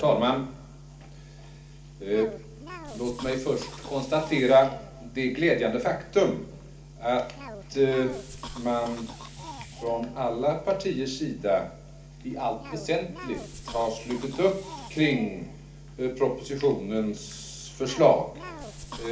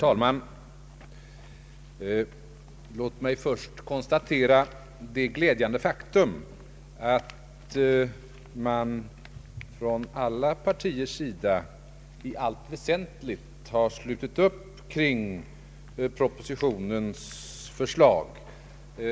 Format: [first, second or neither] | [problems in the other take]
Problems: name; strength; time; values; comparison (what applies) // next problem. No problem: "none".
second | background sound (Cough); 18 dB below the speech // room echo; dies away in 0.4 s